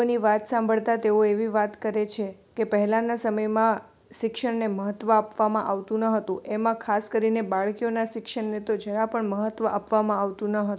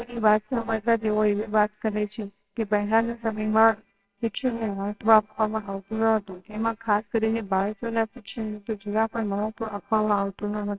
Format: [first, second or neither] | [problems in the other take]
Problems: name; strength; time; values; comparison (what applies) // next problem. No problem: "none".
first | noise reduction (neural separator model SepFormer WHAMR!)